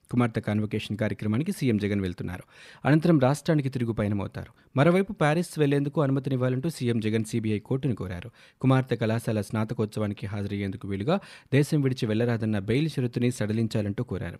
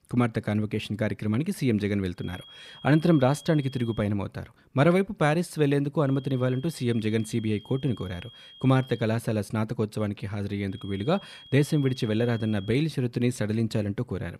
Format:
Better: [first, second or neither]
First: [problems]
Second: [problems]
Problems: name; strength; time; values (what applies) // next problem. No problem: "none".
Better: first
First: none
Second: high-pitched whine; faint; from 2 to 4 s, from 6 to 9 s and from 11 to 13 s; 3.5 kHz, 20 dB below the speech